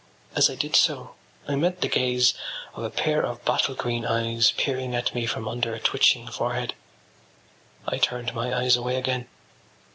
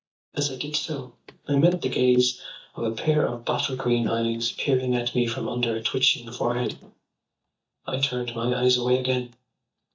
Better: first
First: none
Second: noise reduction (neural mask model DeepFilterNet 3)

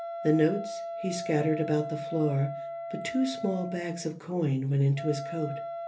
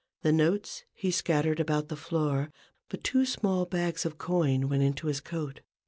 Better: second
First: background sound (Wind instrument, woodwind instrument); 8 dB below the speech // room echo; dies away in 0.3 s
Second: none

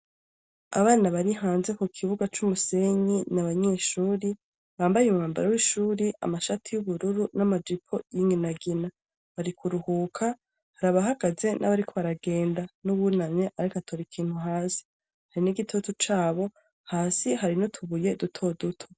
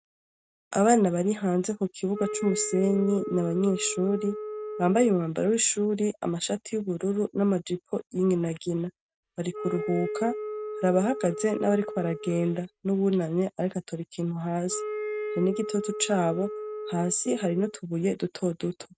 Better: first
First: none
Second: noise reduction (neural mask model RNNoise)

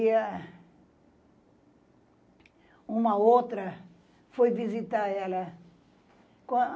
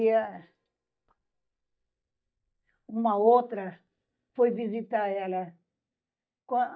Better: first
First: none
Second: noise reduction (neural mask model DeepFilterNet 3)

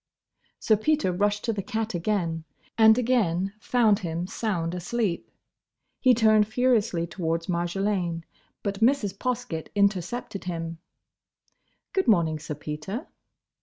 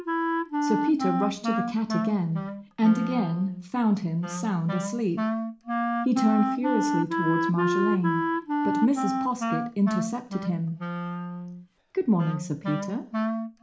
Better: first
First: none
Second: background sound (Wind instrument, woodwind instrument); 2 dB below the speech // room echo; dies away in 0.4 s

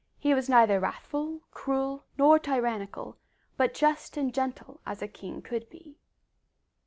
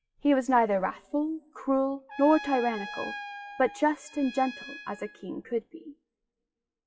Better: first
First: none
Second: noise reduction (classical method WPE with log-MMSE)

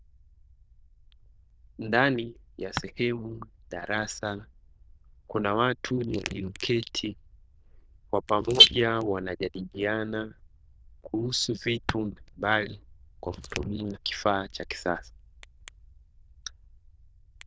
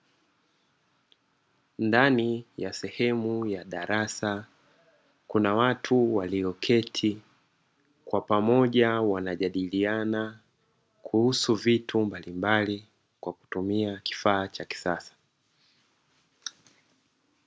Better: second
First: noise reduction (neural diffusion model UNIVERSE++)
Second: none

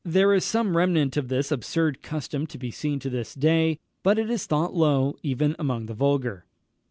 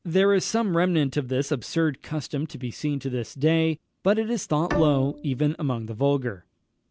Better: first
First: none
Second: background sound (Bowed string instrument); 10 dB below the speech

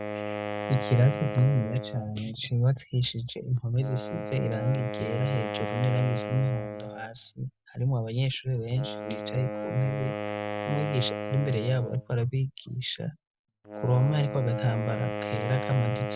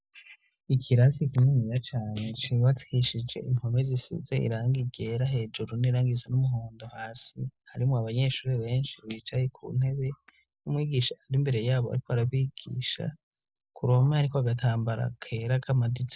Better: second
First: background sound (Wind instrument, woodwind instrument); 7 dB below the speech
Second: none

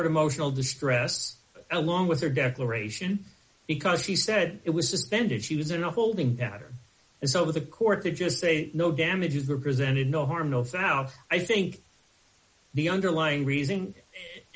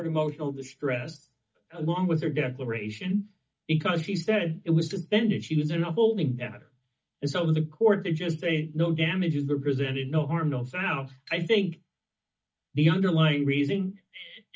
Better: first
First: none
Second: noise reduction (neural mask model DeepFilterNet 3)

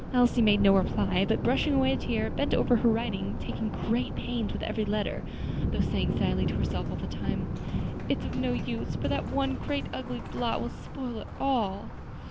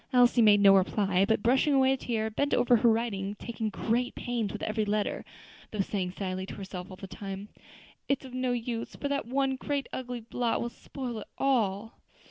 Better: second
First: background sound (Thunder); 2 dB below the speech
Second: none

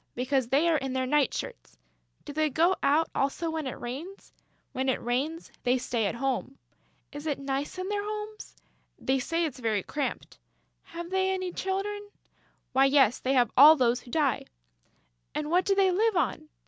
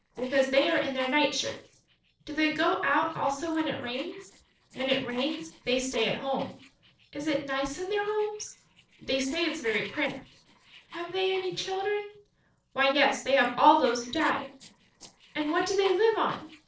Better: first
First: none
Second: noise reduction (neural separator model SepFormer DNS4)

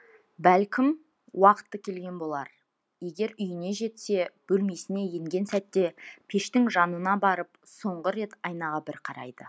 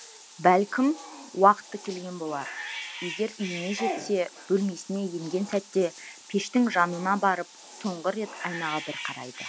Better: first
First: none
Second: background sound (Bathtub (filling or washing) / Cat); 13 dB below the speech

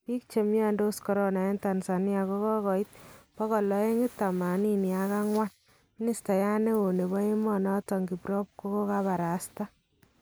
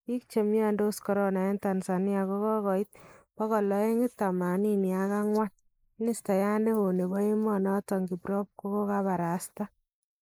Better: first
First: none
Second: noise reduction (neural mask model Resemble Enhance denoiser)

